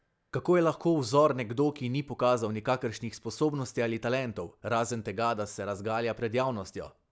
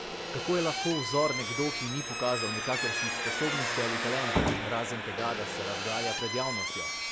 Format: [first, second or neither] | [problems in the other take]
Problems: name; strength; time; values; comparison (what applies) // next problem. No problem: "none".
first | background sound (Squeak / Slam + Engine); 1 dB above the speech